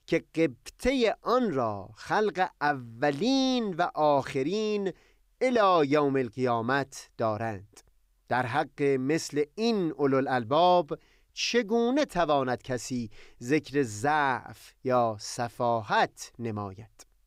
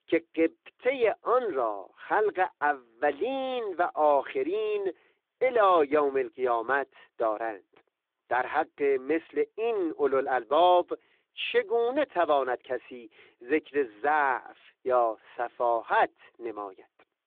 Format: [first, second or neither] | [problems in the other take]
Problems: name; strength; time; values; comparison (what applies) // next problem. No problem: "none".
first | phone-call audio